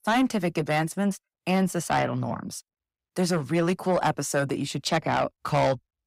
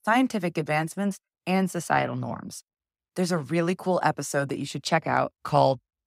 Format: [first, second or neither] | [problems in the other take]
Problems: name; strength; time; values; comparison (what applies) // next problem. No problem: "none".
second | distortion; slight; 10 dB below the speech